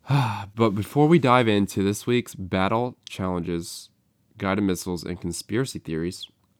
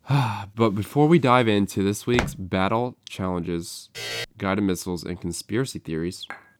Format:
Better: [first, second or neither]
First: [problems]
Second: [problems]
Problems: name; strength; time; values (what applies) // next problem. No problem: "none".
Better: first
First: none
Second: footsteps; noticeable; at 2 s; peak 4 dB below the speech // alarm; noticeable; at 4 s; peak 6 dB below the speech // clattering dishes; faint; at 6.5 s; peak 20 dB below the speech